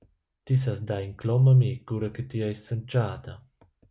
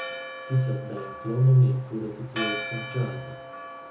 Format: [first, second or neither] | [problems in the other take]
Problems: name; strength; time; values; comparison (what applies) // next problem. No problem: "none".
first | background sound (Church bell); 11 dB below the speech // room echo; dies away in 0.5 s